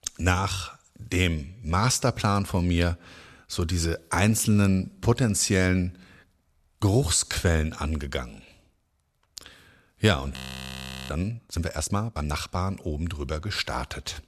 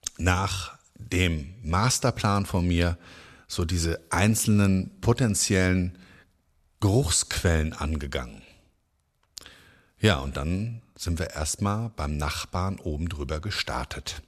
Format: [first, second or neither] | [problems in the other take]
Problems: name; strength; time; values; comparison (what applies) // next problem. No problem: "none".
second | audio freezing; at 10 s for 0.5 s